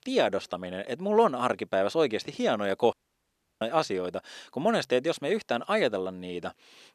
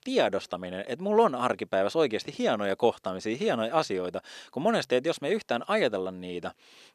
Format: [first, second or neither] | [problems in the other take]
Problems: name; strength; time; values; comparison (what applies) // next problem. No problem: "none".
second | audio cutting out; at 3 s for 0.5 s